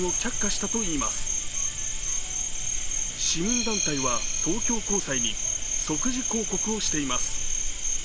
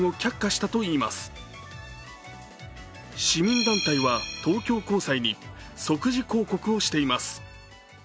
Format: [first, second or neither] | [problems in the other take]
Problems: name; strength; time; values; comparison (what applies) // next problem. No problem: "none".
second | background sound (Cricket); 5 dB above the speech